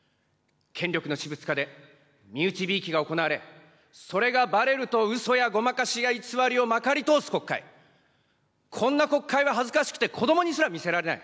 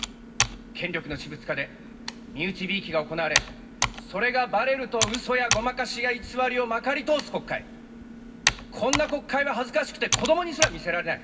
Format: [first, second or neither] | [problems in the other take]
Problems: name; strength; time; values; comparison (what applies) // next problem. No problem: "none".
first | background sound (Computer keyboard); 4 dB below the speech // room echo; dies away in 0.4 s